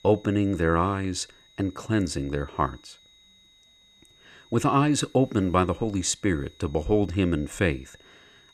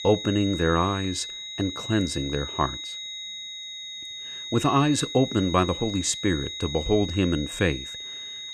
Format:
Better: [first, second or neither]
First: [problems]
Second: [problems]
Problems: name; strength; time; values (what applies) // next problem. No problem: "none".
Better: first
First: high-pitched whine; faint; throughout; 4 kHz, 30 dB below the speech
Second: high-pitched whine; loud; throughout; 4 kHz, 8 dB below the speech